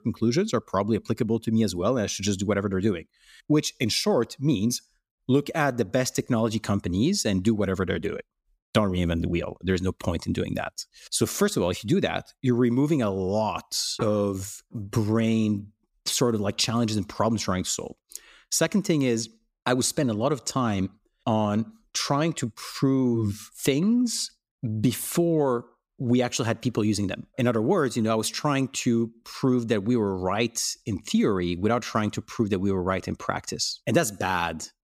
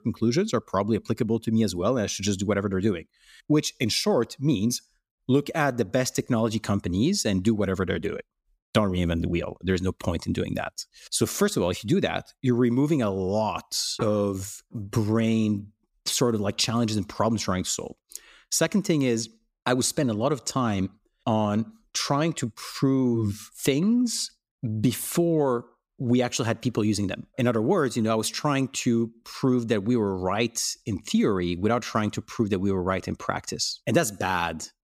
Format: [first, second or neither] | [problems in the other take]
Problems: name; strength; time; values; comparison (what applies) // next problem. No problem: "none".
neither | none